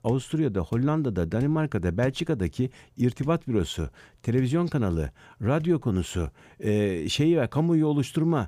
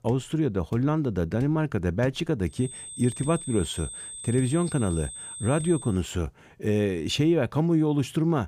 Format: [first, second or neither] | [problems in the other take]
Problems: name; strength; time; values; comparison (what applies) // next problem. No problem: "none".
first | high-pitched whine; noticeable; from 2.5 to 6 s; 8.5 kHz, 10 dB below the speech